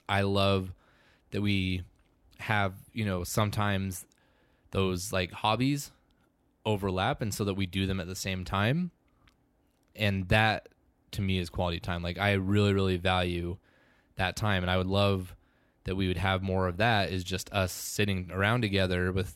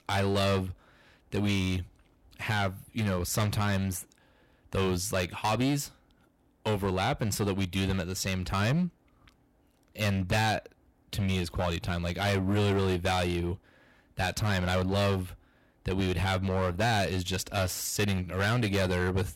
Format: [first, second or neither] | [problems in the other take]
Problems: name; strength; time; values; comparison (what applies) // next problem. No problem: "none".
first | distortion; heavy; 11% of the sound clipped